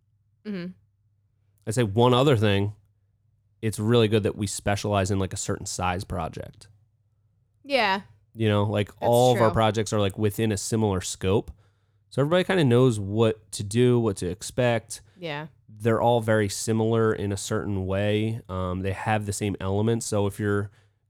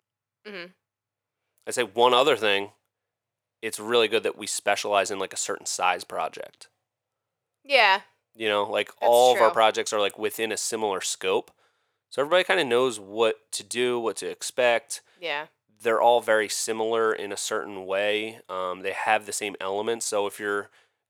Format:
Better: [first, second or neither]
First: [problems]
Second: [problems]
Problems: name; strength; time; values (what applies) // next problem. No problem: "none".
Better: first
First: none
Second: thin; very; fading below 600 Hz